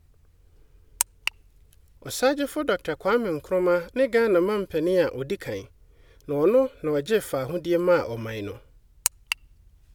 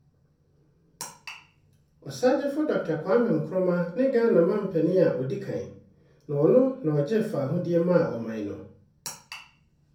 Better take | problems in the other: first | room echo; dies away in 0.5 s

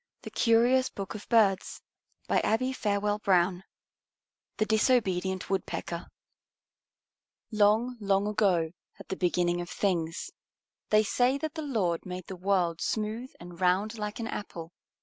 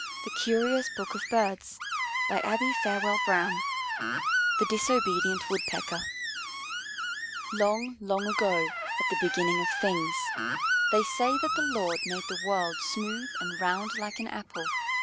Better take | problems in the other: first | background sound (Screech); as loud as the speech

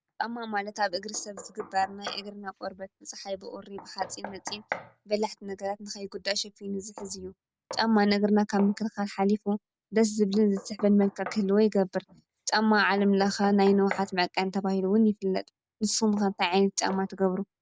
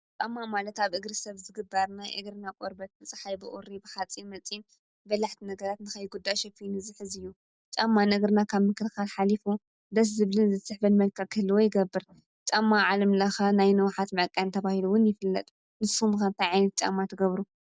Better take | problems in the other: second | background sound (Knock); 19 dB below the speech

